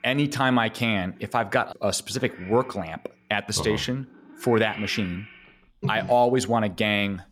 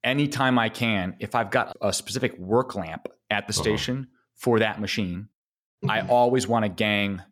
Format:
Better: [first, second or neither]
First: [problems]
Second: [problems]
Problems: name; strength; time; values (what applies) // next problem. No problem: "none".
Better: second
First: animal sounds; noticeable; throughout; 15 dB below the speech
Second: none